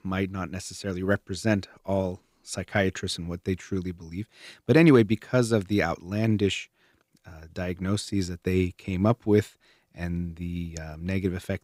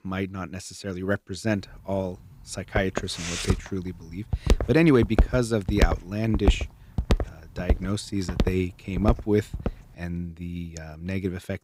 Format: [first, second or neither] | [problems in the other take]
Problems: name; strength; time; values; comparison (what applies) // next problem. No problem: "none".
first | footsteps; loud; from 3 to 9.5 s; peak 2 dB above the speech